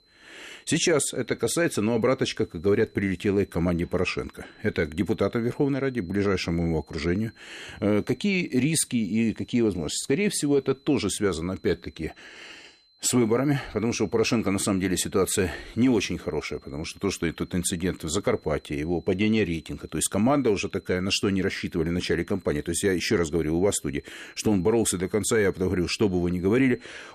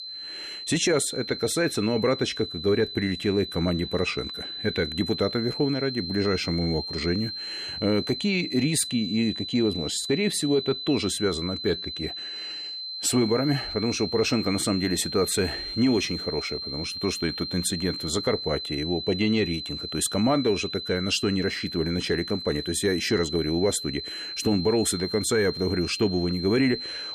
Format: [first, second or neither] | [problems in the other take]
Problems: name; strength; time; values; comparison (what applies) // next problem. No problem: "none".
first | high-pitched whine; loud; throughout; 4 kHz, 6 dB below the speech; faint in the first